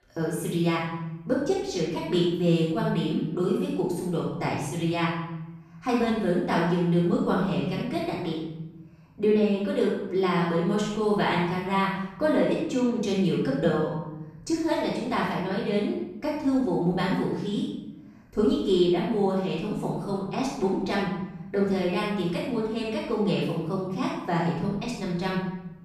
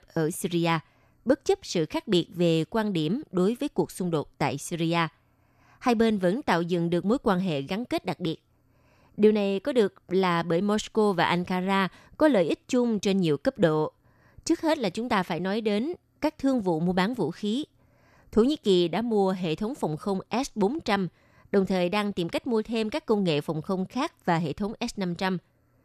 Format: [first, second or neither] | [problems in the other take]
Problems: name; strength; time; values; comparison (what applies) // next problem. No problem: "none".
second | room echo; noticeable; dies away in 1 s // off-mic speech; far